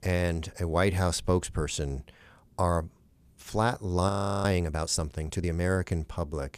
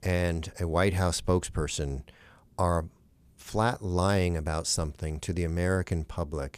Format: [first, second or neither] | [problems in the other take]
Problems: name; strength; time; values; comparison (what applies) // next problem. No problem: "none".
second | audio freezing; at 4 s